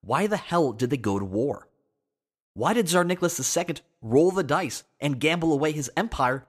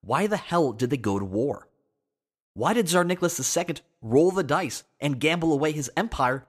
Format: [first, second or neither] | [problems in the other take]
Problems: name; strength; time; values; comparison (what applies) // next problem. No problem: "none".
neither | none